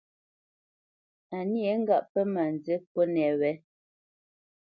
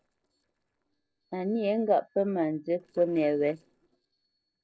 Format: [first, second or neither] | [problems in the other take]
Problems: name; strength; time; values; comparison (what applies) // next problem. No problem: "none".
first | noise reduction (neural separator model SepFormer DNS4)